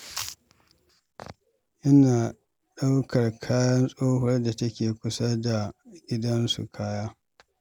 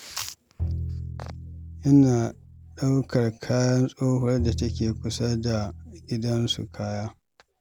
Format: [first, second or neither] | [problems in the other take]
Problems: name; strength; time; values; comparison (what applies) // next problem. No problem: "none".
first | background sound (Bowed string instrument); 9 dB below the speech